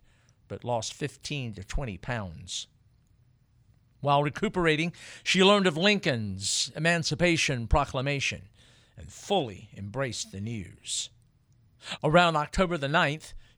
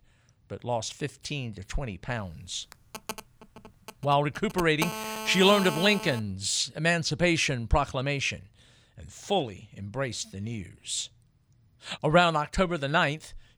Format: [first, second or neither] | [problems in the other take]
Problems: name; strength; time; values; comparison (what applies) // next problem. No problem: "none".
first | phone ringing; noticeable; from 2.5 to 6 s; peak 5 dB below the speech